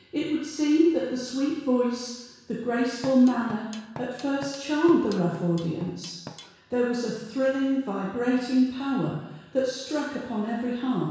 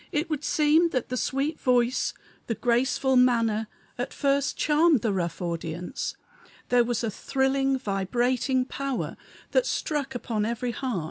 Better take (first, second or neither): second